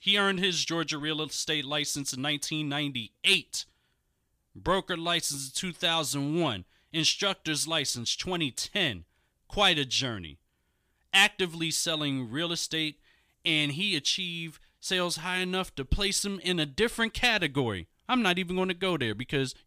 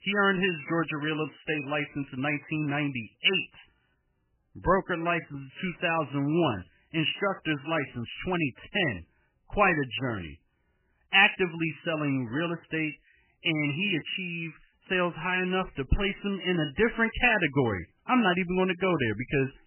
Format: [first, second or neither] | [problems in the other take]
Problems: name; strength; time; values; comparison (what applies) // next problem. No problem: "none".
first | garbled, watery; badly; nothing above 3 kHz